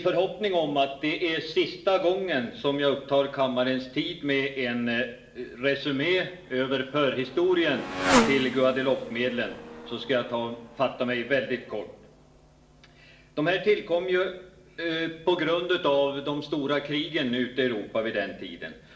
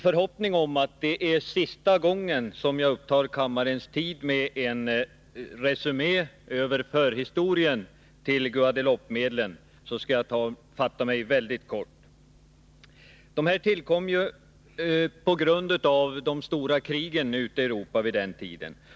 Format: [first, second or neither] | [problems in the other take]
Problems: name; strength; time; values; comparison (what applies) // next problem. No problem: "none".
second | background sound (Motorcycle); 10 dB below the speech // room echo; dies away in 0.7 s